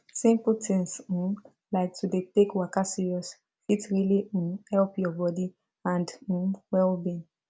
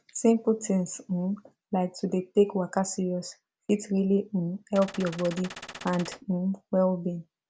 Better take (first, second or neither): first